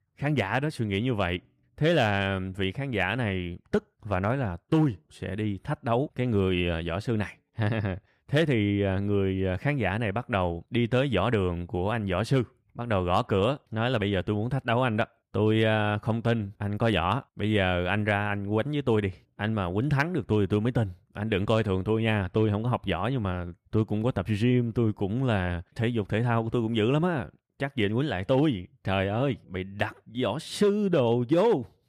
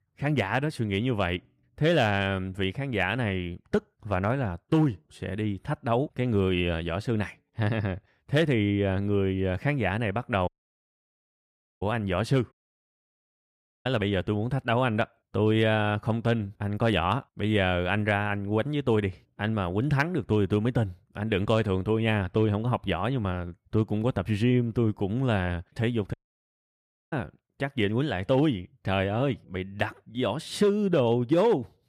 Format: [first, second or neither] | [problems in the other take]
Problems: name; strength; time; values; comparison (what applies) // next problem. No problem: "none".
first | audio cutting out; at 10 s for 1.5 s, at 13 s for 1.5 s and at 26 s for 1 s